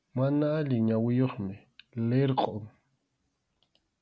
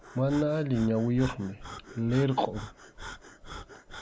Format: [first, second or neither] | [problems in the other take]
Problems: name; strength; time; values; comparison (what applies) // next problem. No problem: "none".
first | background sound (Breathing); 14 dB below the speech